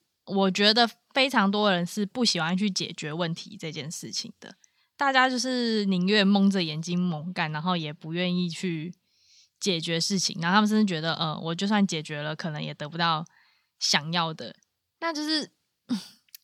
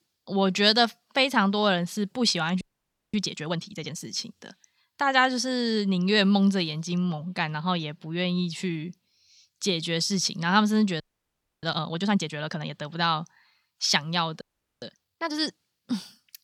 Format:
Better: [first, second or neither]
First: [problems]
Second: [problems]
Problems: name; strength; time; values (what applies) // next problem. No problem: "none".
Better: first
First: none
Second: audio freezing; at 2.5 s for 0.5 s, at 11 s for 0.5 s and at 14 s